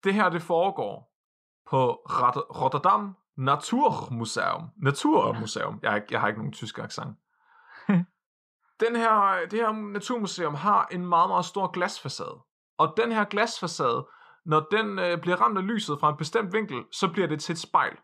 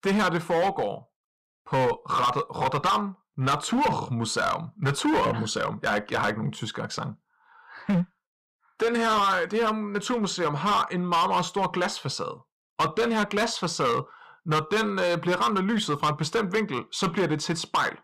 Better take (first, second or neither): first